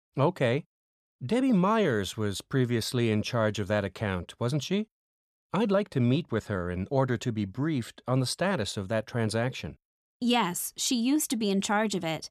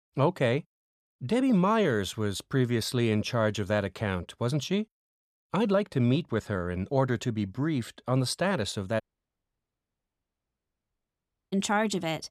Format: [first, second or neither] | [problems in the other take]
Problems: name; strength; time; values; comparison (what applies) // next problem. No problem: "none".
first | audio cutting out; at 9 s for 2.5 s